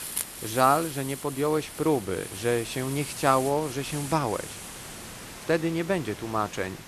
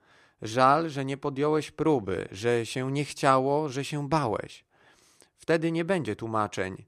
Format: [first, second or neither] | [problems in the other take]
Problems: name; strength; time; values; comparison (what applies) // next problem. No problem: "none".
second | hiss; noticeable; throughout; 10 dB below the speech